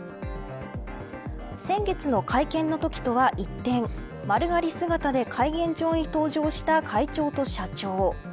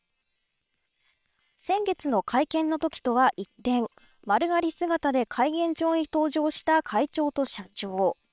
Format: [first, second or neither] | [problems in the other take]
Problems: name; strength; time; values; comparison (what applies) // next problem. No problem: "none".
first | noise reduction (neural separator model SepFormer WHAM!)